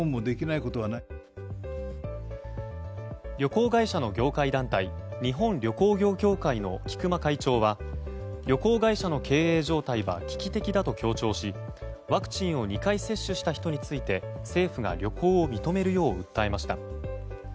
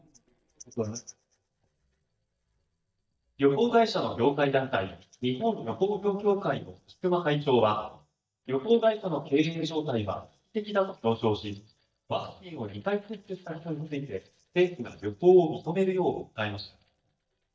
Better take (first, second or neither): first